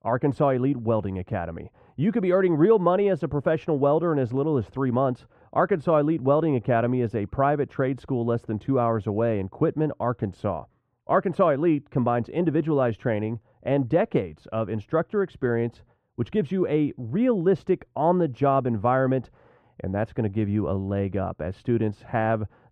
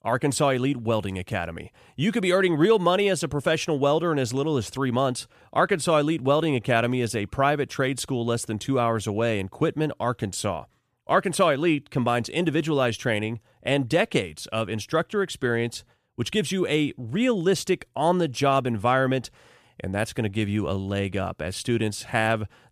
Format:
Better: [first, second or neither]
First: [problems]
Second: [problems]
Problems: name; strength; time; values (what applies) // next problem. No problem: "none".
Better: second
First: muffled; very; fading above 3 kHz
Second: none